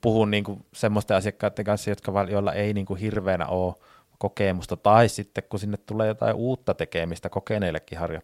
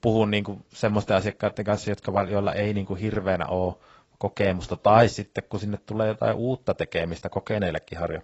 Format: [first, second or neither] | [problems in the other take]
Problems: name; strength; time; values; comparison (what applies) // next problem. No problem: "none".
first | garbled, watery; badly; nothing above 7.5 kHz